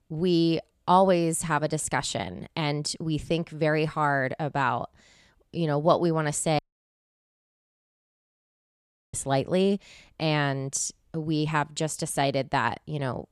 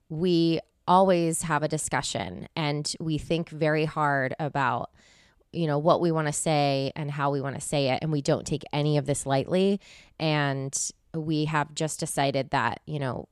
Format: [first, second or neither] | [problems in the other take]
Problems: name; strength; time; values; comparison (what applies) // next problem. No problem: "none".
second | audio cutting out; at 6.5 s for 2.5 s